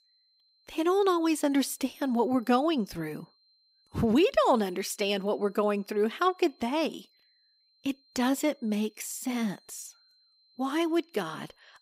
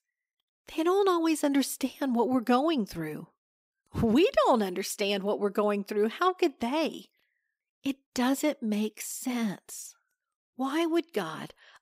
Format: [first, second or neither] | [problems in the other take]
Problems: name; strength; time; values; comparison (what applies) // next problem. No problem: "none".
second | high-pitched whine; faint; throughout; 4 kHz, 35 dB below the speech